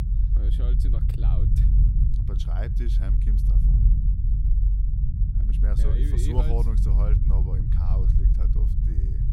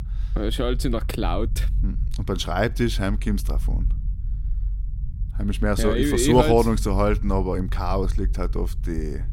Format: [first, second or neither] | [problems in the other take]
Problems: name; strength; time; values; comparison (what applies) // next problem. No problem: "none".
second | low rumble; loud; throughout; as loud as the speech; faint in the second